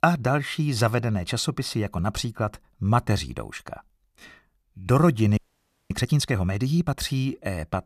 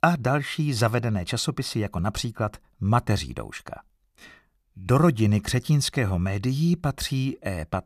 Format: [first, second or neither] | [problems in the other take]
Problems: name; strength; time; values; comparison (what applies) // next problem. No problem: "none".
second | audio freezing; at 5.5 s for 0.5 s